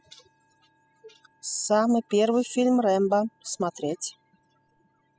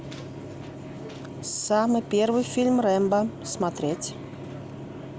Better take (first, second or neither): second